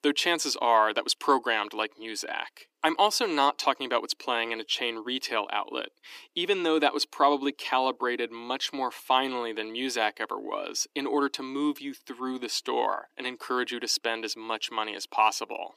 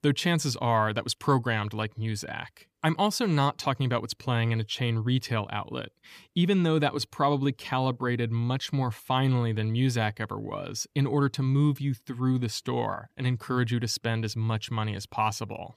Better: second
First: thin; somewhat; fading below 300 Hz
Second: none

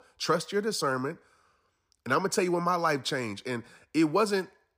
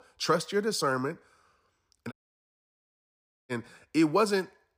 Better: first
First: none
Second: audio cutting out; at 2 s for 1.5 s

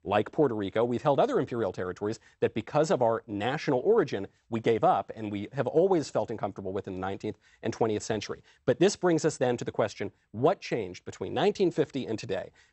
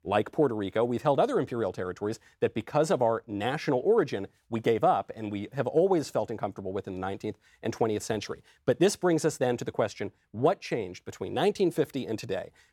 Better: second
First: garbled, watery; slightly; nothing above 8 kHz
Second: none

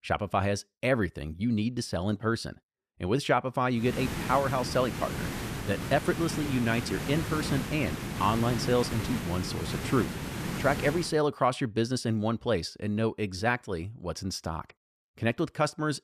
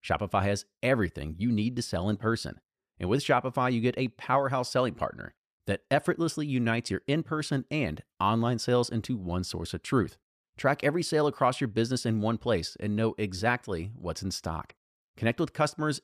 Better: second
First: hiss; loud; from 4 to 11 s; 5 dB below the speech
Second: none

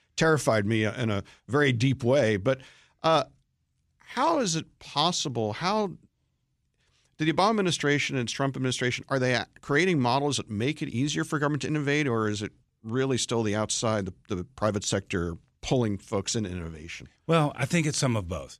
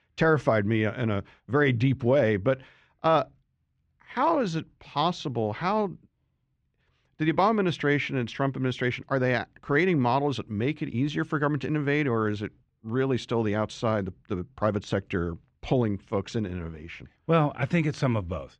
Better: first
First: none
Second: muffled; slightly; fading above 2.5 kHz

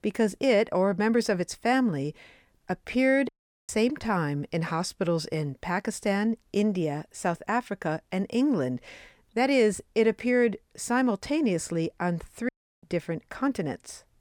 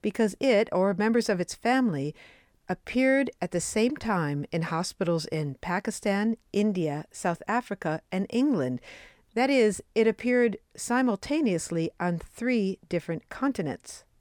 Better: second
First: audio cutting out; at 3.5 s and at 12 s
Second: none

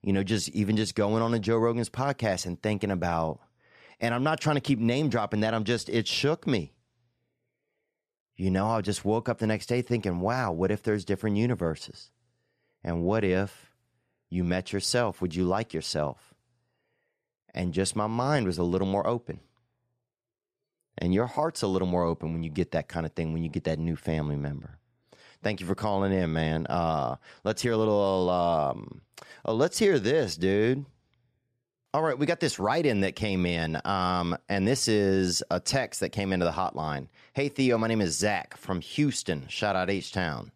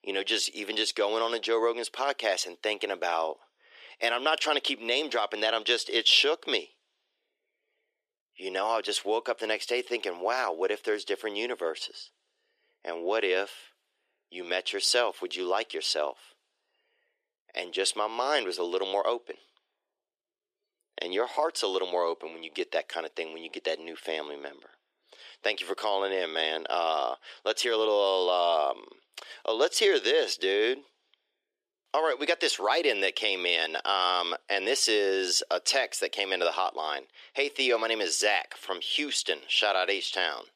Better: first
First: none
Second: thin; very; fading below 350 Hz

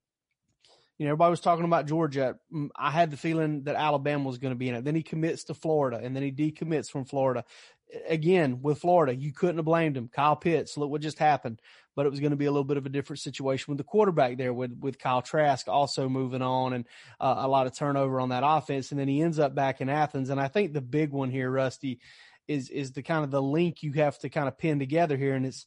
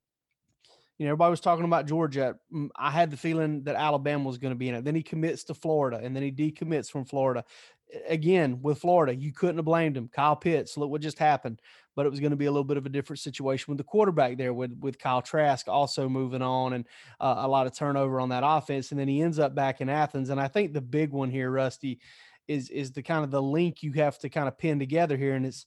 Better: second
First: garbled, watery; slightly; nothing above 10.5 kHz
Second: none

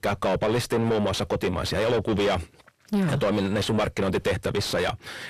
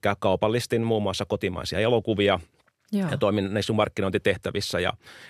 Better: second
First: distortion; heavy; 5 dB below the speech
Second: none

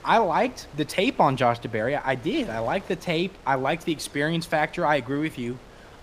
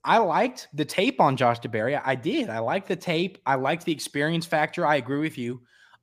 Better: second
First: wind noise on the microphone; occasional gusts; 25 dB below the speech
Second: none

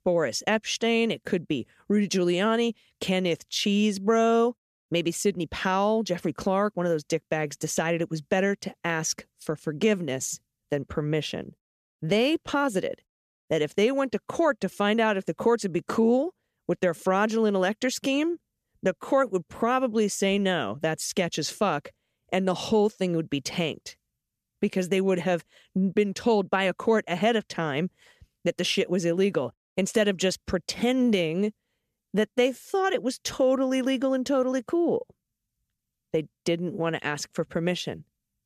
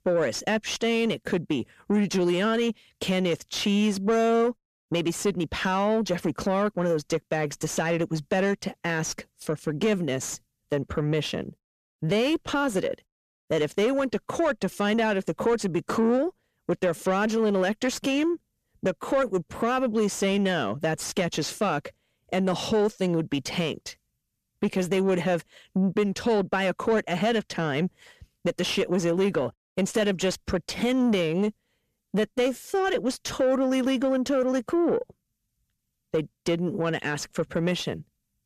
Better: first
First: none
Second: distortion; slight; 10 dB below the speech

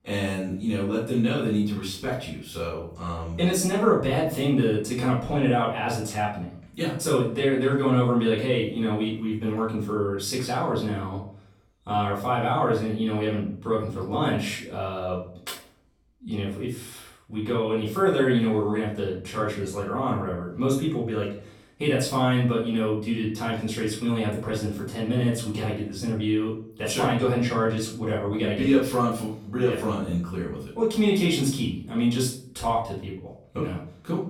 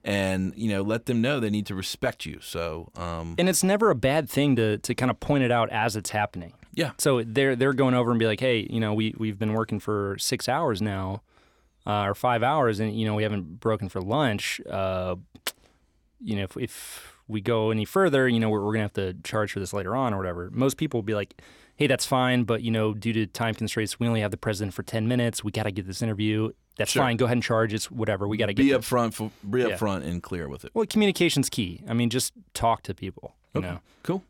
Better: second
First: off-mic speech; far // room echo; noticeable; dies away in 0.4 s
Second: none

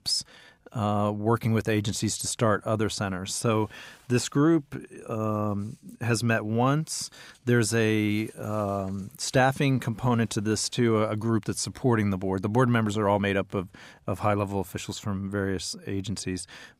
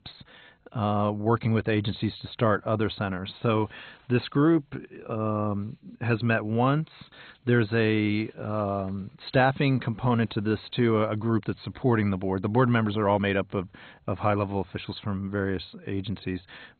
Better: first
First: none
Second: garbled, watery; badly; nothing above 4 kHz

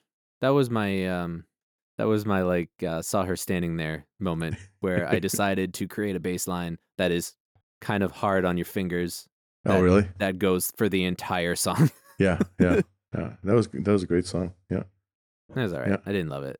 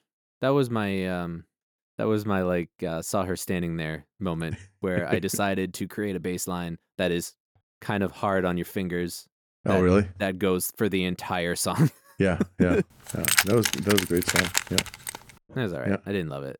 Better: first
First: none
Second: jangling keys; loud; from 13 to 15 s; peak 6 dB above the speech

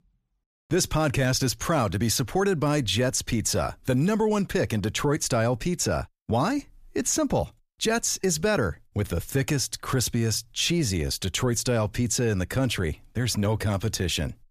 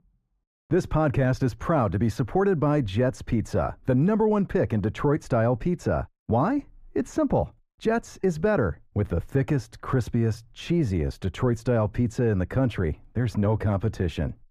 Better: first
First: none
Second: muffled; very; fading above 2.5 kHz

